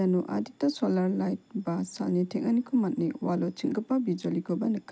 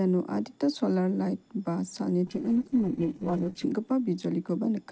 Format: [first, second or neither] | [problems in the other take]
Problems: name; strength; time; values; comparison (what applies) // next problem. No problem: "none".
first | noise reduction (neural separator model SepFormer DNS4)